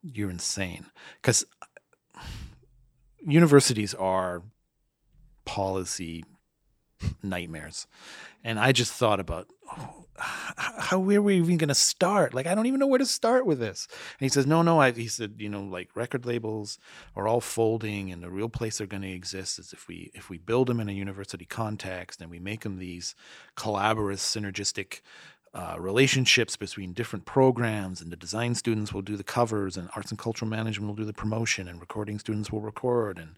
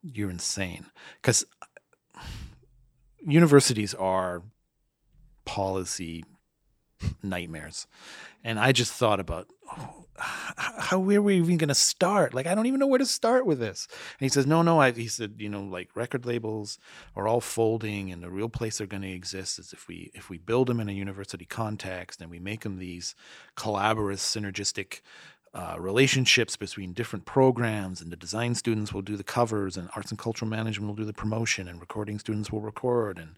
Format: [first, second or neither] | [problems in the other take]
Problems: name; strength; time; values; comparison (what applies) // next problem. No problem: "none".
neither | none